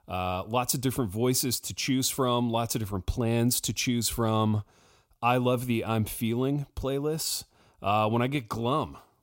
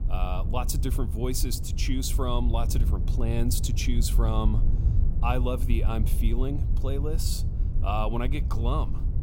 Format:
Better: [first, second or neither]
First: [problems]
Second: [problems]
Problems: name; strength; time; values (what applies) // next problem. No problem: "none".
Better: first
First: none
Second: low rumble; noticeable; throughout; 10 dB below the speech